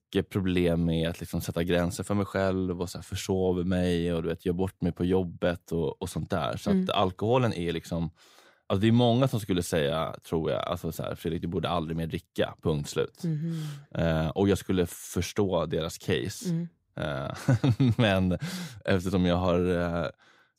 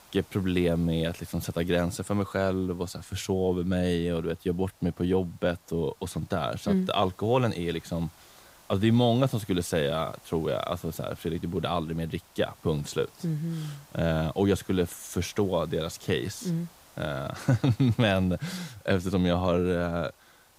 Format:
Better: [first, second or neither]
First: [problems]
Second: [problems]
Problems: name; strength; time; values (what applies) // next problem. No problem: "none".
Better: first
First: none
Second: hiss; faint; throughout; 25 dB below the speech